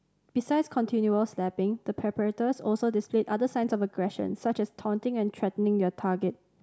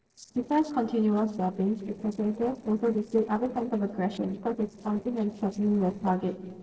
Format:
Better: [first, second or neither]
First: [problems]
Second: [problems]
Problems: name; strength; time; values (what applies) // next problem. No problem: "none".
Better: first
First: none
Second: noise reduction (neural separator model SepFormer DNS4)